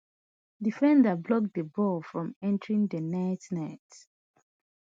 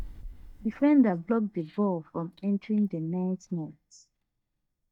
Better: first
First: none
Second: noise reduction (neural mask model DeepFilterNet 3)

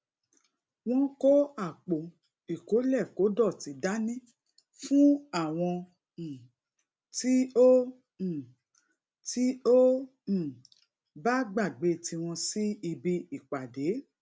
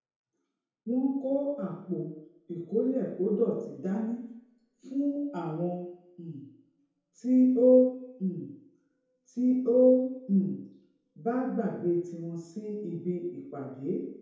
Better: first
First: none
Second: room echo; dies away in 0.9 s

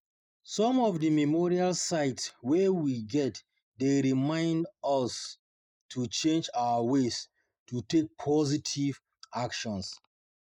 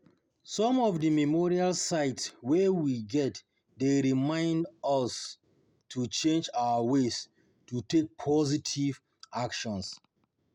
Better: second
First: noise reduction (neural mask model Resemble Enhance denoiser)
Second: none

